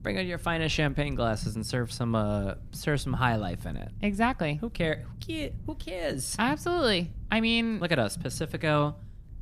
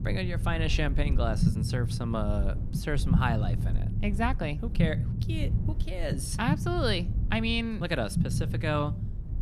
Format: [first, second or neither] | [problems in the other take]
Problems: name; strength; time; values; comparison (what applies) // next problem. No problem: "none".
first | low rumble; loud; throughout; 10 dB below the speech; faint in the first